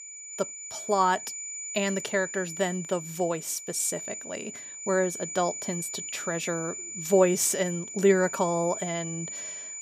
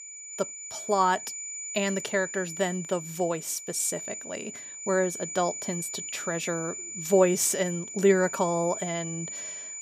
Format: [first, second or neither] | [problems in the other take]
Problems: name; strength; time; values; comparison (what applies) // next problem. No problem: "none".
neither | high-pitched whine; loud; throughout; 7 kHz, 8 dB below the speech; the same in both